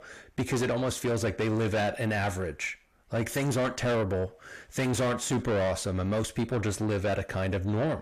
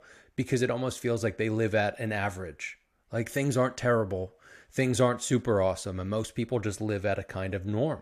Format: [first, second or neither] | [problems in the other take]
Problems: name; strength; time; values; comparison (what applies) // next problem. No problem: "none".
second | distortion; heavy; 7 dB below the speech